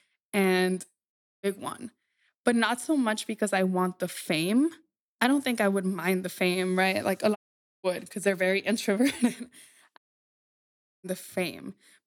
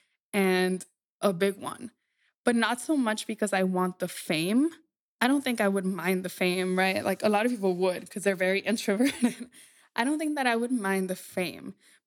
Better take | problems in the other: second | audio cutting out; at 1 s, at 7.5 s and at 10 s for 1 s

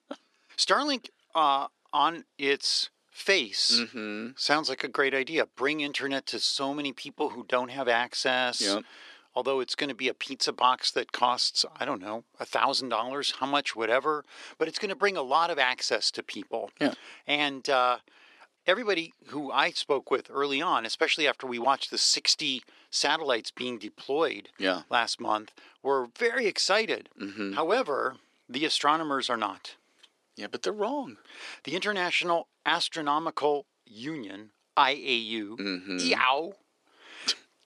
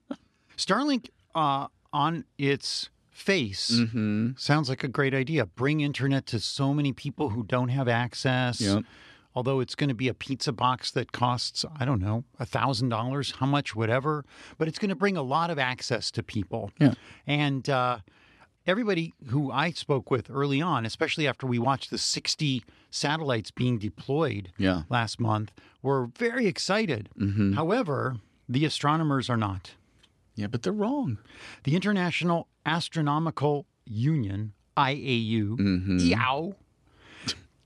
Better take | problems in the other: second | thin; somewhat; fading below 400 Hz

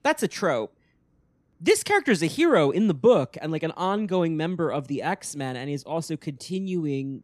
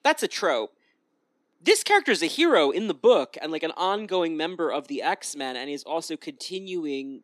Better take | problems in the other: first | thin; somewhat; fading below 300 Hz

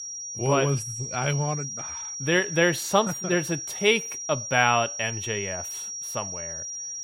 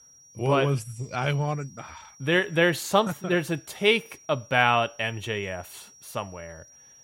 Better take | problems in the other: second | high-pitched whine; loud; throughout; 5.5 kHz, 7 dB below the speech; faint in the second

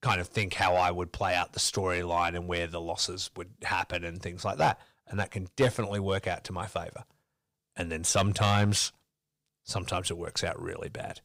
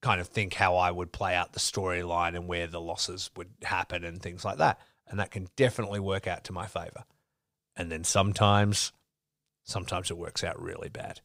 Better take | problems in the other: second | distortion; slight; 1.4% of the sound clipped

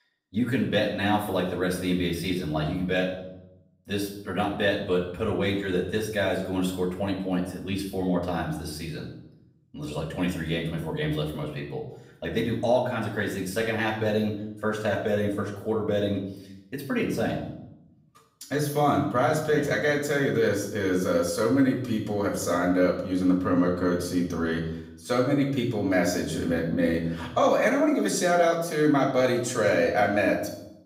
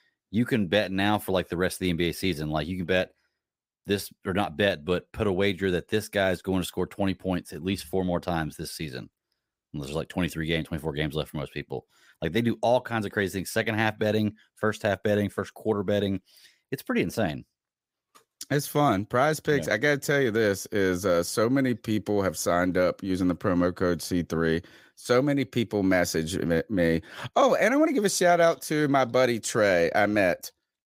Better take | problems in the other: second | off-mic speech; far // room echo; noticeable; dies away in 0.7 s

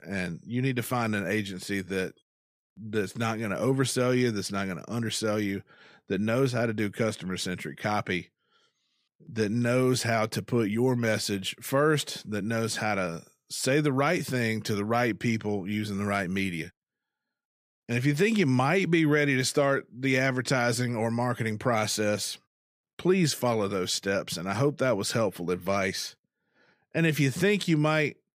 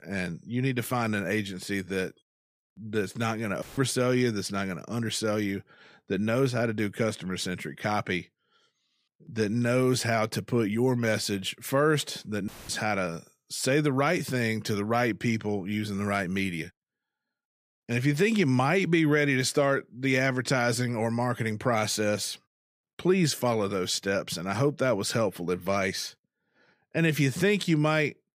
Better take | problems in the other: first | audio cutting out; filled with static; at 3.5 s and at 12 s

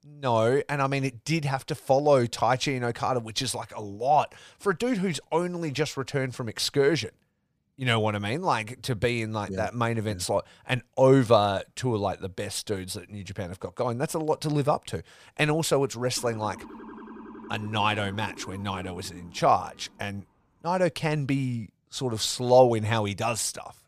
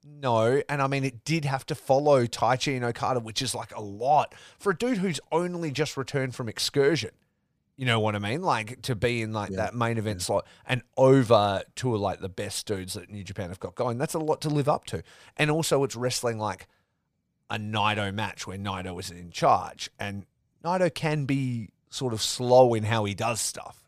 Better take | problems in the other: second | siren; faint; from 16 to 20 s; peak 15 dB below the speech

